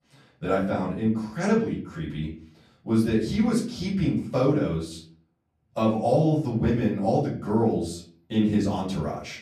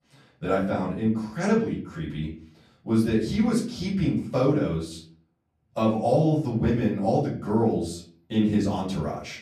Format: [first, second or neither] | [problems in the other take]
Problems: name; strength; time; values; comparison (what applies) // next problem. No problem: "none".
neither | room echo; slight; dies away in 0.5 s; the same in both // off-mic speech; far; the same in both